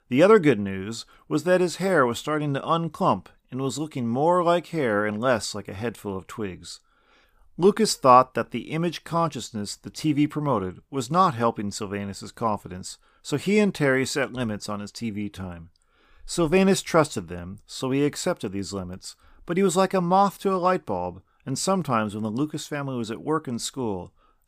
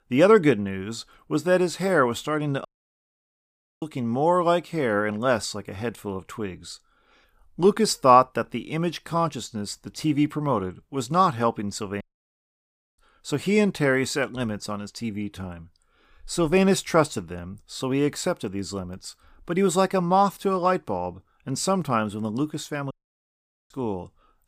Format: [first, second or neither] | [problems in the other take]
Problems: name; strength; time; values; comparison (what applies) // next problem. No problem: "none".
first | audio cutting out; at 2.5 s for 1 s, at 12 s for 1 s and at 23 s for 1 s